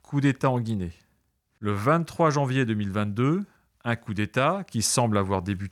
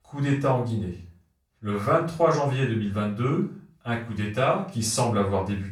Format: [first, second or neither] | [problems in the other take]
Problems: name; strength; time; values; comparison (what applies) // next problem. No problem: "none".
first | off-mic speech; far // room echo; slight; dies away in 0.3 s